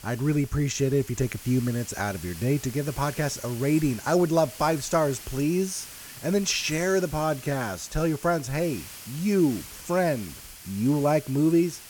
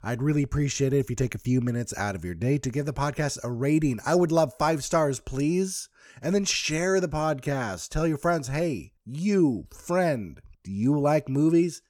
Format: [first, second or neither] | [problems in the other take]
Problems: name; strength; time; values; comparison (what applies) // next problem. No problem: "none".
second | hiss; noticeable; throughout; 15 dB below the speech